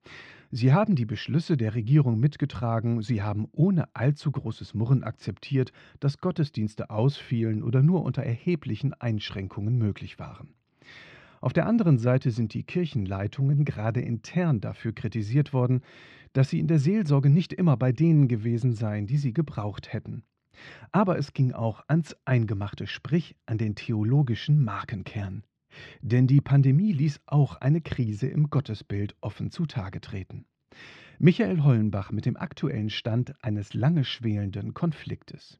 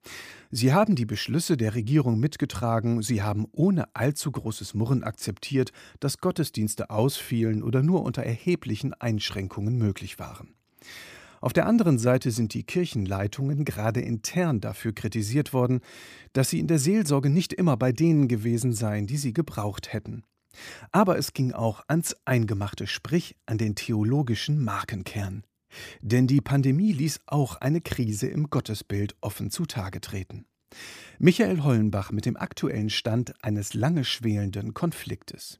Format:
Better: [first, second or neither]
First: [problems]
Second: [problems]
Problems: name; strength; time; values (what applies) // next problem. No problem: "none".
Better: second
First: muffled; slightly; fading above 4 kHz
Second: none